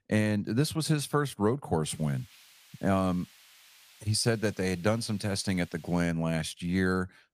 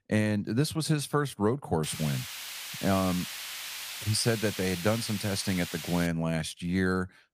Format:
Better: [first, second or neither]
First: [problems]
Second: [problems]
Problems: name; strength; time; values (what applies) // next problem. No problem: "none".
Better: first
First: hiss; faint; from 2 to 6 s; 25 dB below the speech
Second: hiss; loud; from 2 to 6 s; 8 dB below the speech